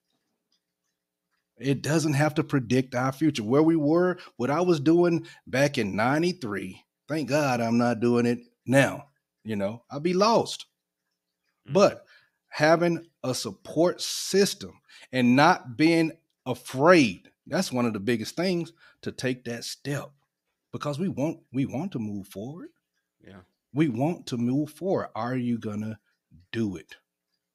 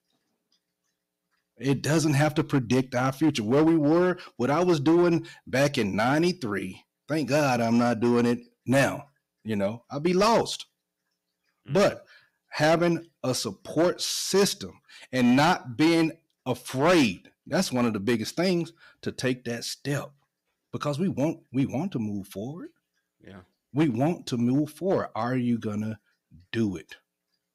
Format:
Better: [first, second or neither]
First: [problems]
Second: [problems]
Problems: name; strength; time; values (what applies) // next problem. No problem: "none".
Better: first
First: none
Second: distortion; slight; 4% of the sound clipped